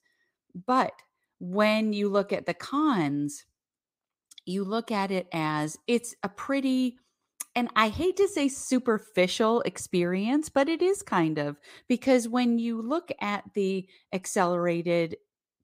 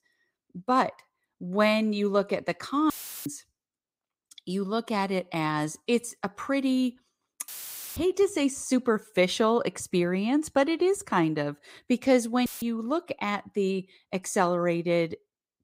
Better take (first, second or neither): first